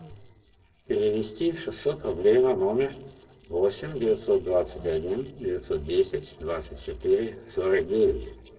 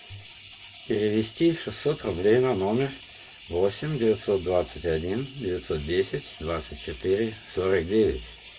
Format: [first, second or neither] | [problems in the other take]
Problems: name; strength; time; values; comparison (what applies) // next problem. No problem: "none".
second | noise reduction (neural separator model SepFormer DNS4)